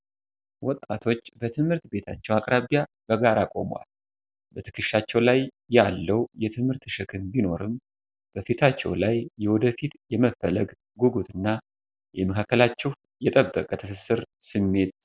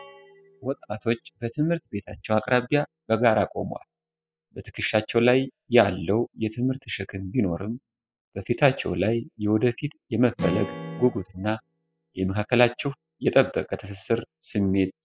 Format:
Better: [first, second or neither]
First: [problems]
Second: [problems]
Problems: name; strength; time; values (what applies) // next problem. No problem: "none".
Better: first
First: none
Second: noise reduction (classical method spectral subtraction)